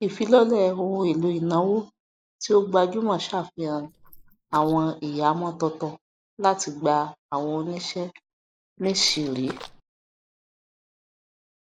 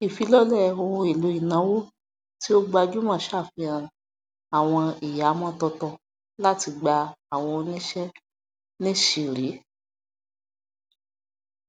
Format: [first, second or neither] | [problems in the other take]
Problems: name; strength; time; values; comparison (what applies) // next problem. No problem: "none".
second | noise reduction (neural mask model Resemble Enhance denoiser)